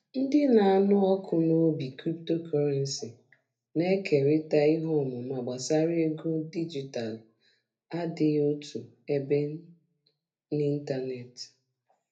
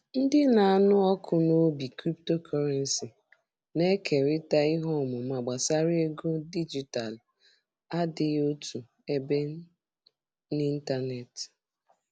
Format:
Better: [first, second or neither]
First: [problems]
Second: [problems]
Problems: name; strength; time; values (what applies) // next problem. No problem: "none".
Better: second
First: room echo; dies away in 0.3 s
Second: none